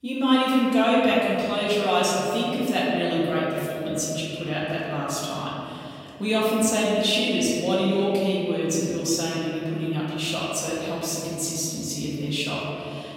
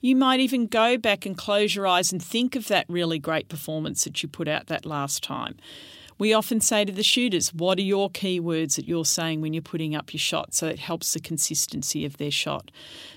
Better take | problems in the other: second | room echo; strong; dies away in 2.7 s // off-mic speech; far

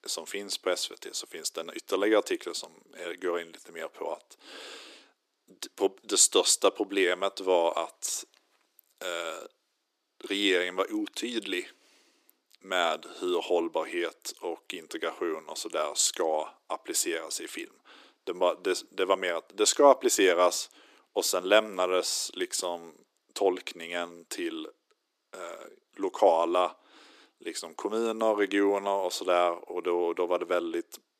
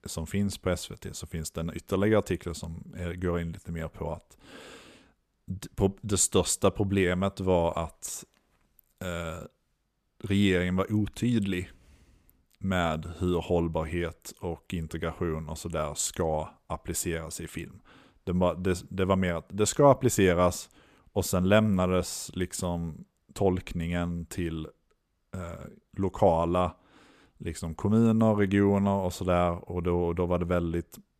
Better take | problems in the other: second | thin; very; fading below 300 Hz

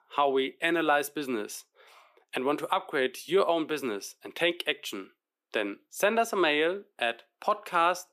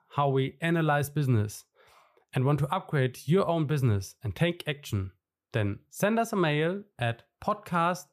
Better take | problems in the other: second | thin; somewhat; fading below 250 Hz

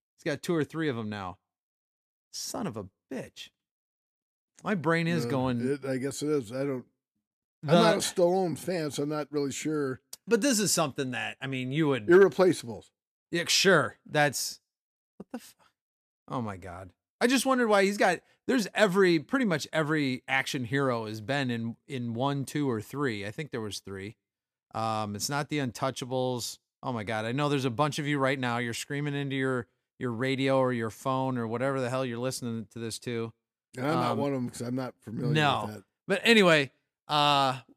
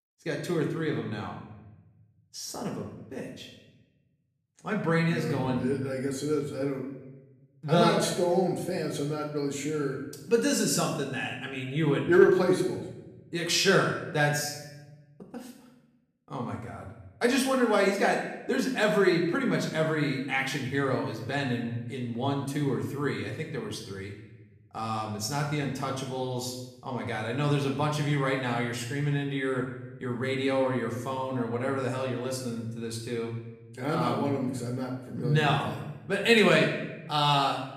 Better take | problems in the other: first | room echo; noticeable; dies away in 0.9 s // off-mic speech; somewhat distant

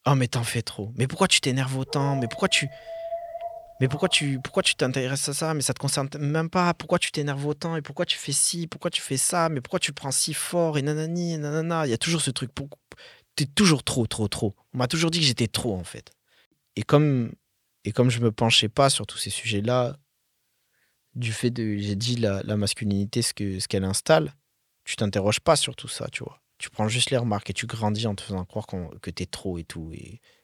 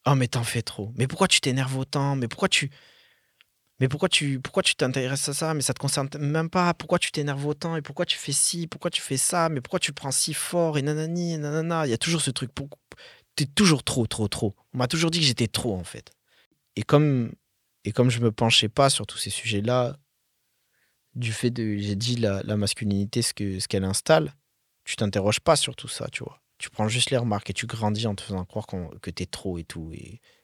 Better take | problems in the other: second | dog barking; noticeable; from 2 to 4.5 s; peak 9 dB below the speech

